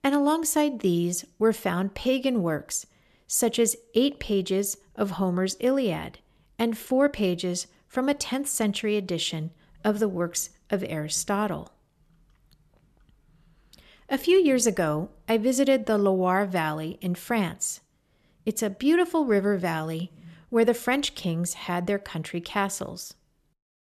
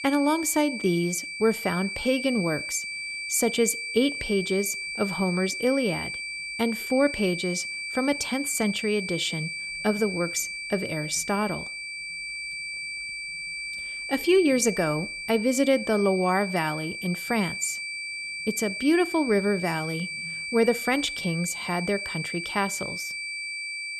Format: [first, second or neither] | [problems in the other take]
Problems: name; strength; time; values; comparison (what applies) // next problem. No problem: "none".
first | high-pitched whine; loud; throughout; 2.5 kHz, 5 dB below the speech